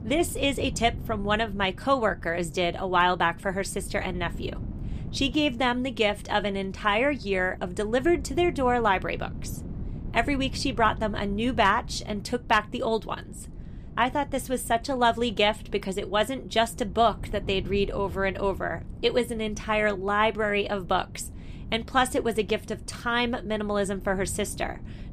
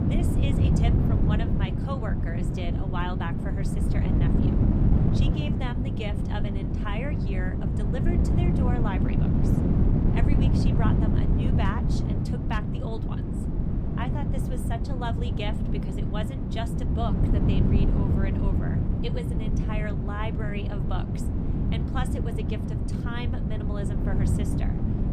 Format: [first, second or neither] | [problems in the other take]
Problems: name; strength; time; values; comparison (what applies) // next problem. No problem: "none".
first | wind noise on the microphone; heavy; 2 dB above the speech; occasional gusts in the first